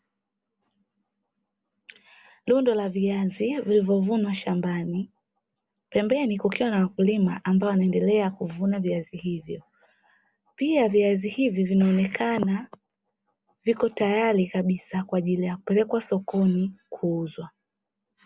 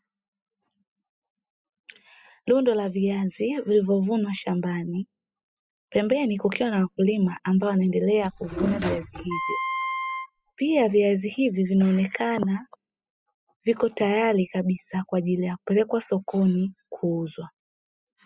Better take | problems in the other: first | noise reduction (classical method spectral subtraction)

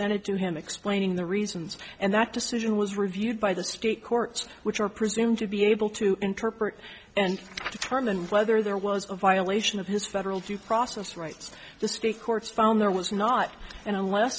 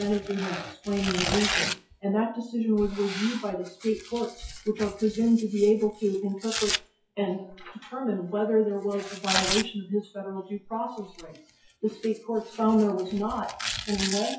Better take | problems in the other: first | noise reduction (classical method WPE with log-MMSE)

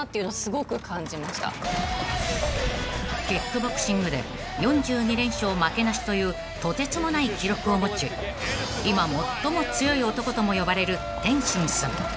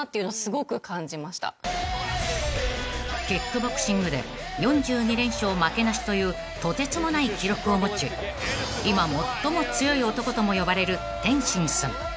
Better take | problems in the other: second | background sound (Truck); 12 dB below the speech

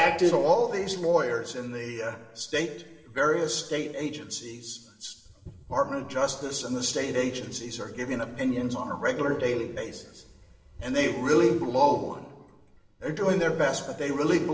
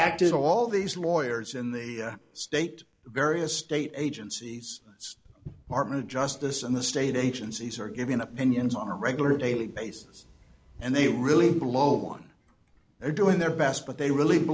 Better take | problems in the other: second | room echo; dies away in 1 s

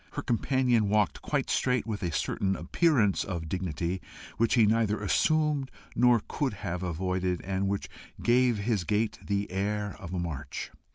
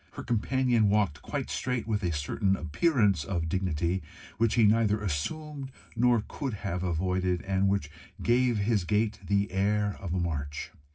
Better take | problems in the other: first | room echo; dies away in 0.4 s

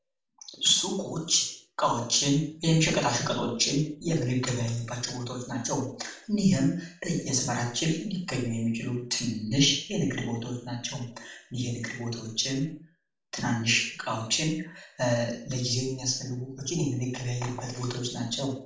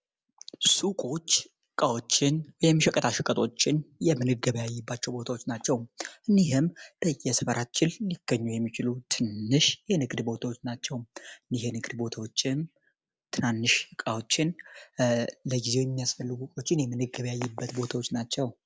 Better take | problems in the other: second | room echo; dies away in 0.5 s

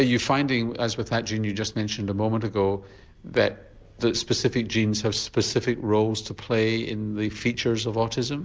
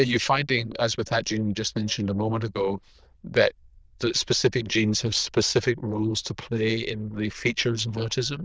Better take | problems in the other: first | noise reduction (neural diffusion model UNIVERSE++)

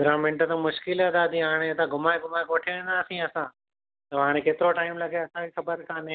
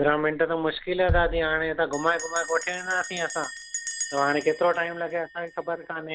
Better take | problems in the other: first | background sound (Bass drum + Bell); 9 dB below the speech

